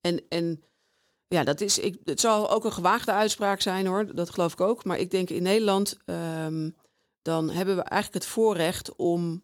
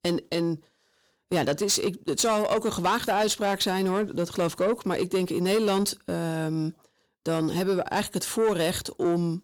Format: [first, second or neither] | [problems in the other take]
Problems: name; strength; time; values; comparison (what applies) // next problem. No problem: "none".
first | distortion; slight; 10 dB below the speech